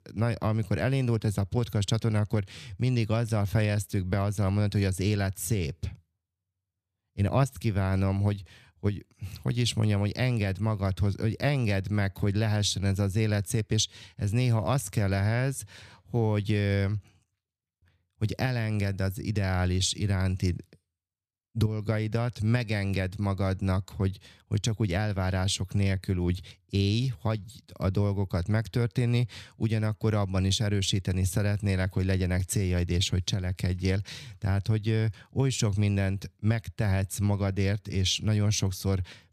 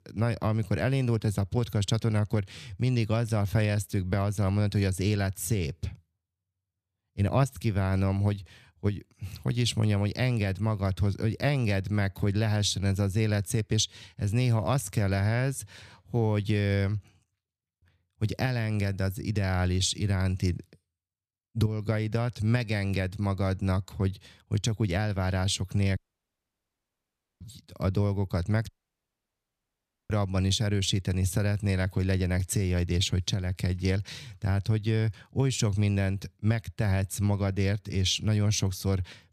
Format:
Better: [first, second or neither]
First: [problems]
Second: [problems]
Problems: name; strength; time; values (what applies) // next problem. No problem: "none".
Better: first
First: none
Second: audio cutting out; at 26 s for 1.5 s and at 29 s for 1.5 s